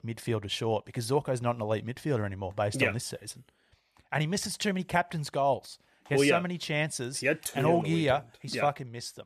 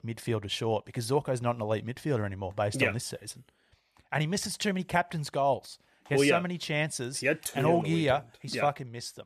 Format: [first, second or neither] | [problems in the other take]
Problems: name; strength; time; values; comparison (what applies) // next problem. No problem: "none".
neither | none